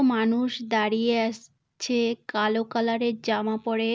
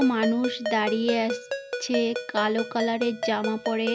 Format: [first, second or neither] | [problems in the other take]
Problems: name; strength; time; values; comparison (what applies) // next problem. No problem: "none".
first | background sound (Ringtone); 6 dB below the speech